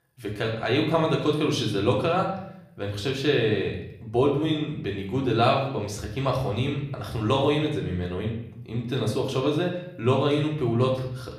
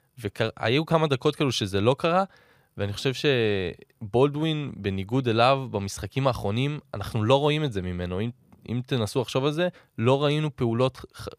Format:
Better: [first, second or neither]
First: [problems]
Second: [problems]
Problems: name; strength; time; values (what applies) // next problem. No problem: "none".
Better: second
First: room echo; slight; dies away in 0.7 s // off-mic speech; somewhat distant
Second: none